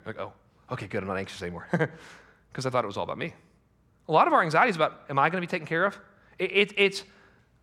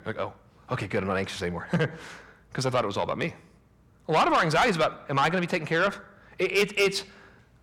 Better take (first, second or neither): first